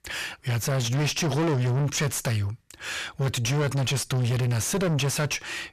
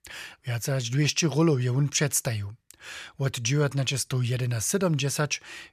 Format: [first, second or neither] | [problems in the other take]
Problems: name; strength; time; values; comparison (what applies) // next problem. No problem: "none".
second | distortion; heavy; 6 dB below the speech